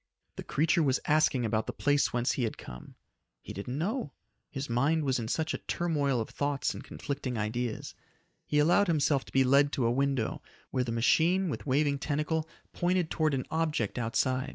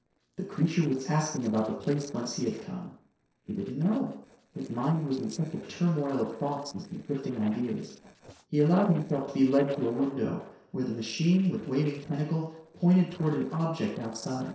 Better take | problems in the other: first | noise reduction (neural separator model SepFormer DNS4)

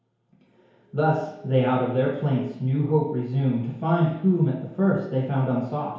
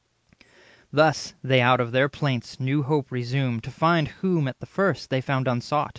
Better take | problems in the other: second | background sound (Alarm); 17 dB below the speech // room echo; dies away in 1 s

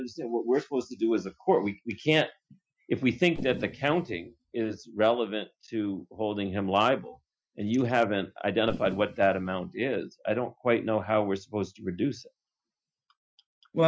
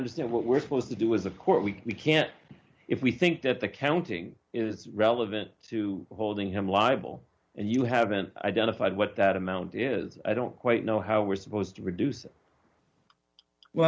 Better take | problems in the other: second | noise reduction (classical method Wiener filter)

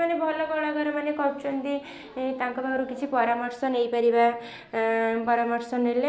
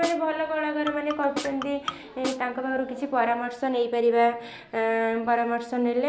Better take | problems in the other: first | background sound (Snare drum + Marimba, xylophone); 11 dB below the speech

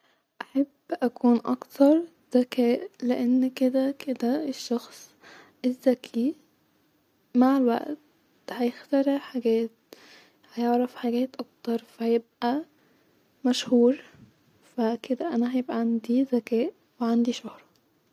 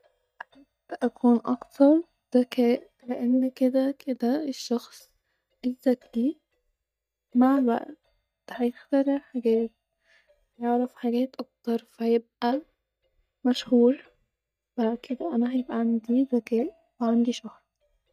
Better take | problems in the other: first | noise reduction (neural mask model DeepFilterNet 3)

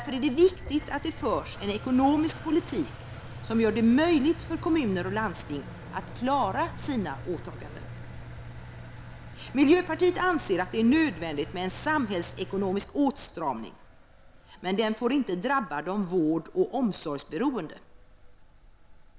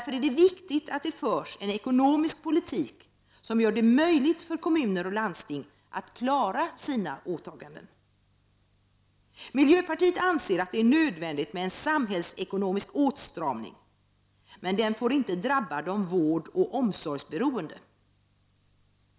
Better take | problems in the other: second | background sound (Engine); 14 dB below the speech

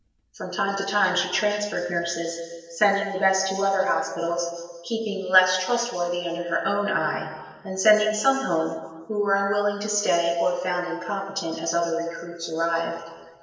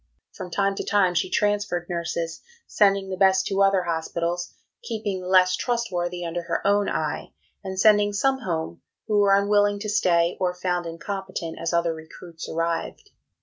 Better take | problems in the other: second | room echo; dies away in 1.4 s

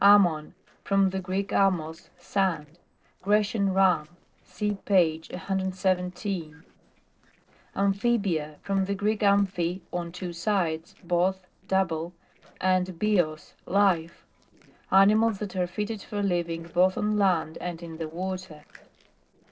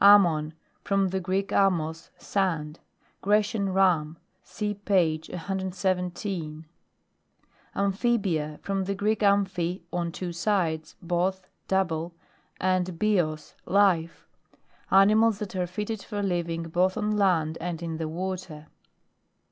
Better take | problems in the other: second | noise reduction (neural separator model SepFormer DNS4)

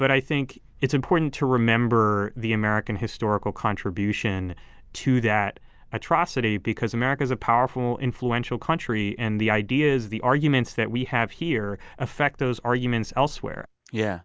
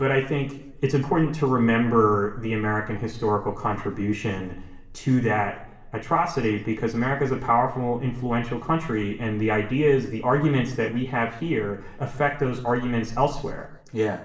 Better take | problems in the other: first | room echo; dies away in 0.8 s

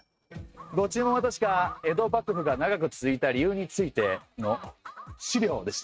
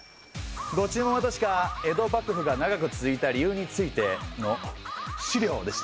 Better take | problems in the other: second | noise reduction (neural mask model RNNoise)

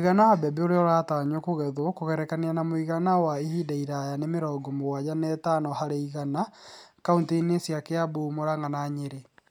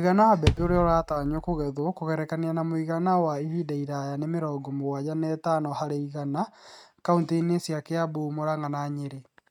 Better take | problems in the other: first | noise reduction (neural mask model RNNoise)

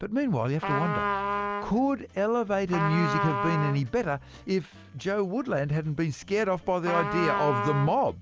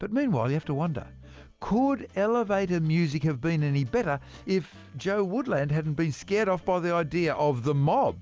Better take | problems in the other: second | background sound (Trumpet); 3 dB below the speech

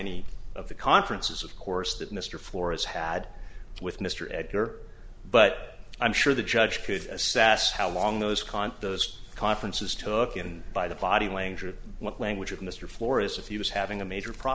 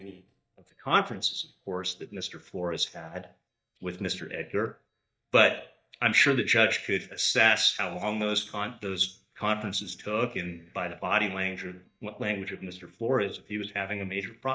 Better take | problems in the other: first | noise reduction (neural mask model DeepFilterNet 3)

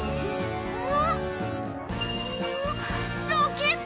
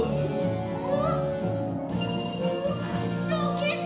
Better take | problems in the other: first | room echo; dies away in 0.8 s

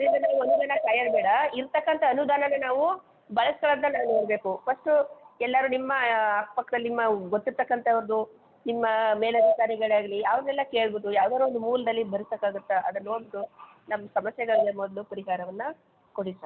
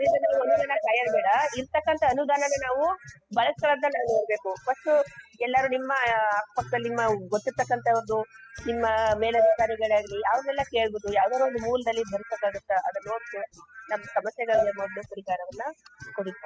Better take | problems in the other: first | noise reduction (classical method spectral subtraction)

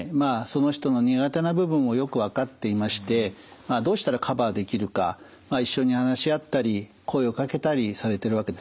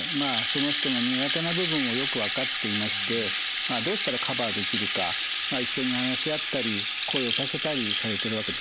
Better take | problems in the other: first | background sound (Rattle (instrument)); 2 dB above the speech

